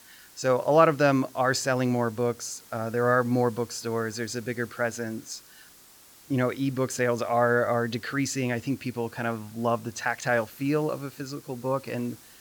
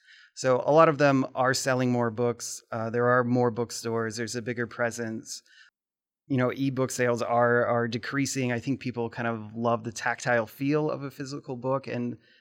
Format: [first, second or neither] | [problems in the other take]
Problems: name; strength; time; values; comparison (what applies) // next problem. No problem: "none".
second | hiss; faint; throughout; 25 dB below the speech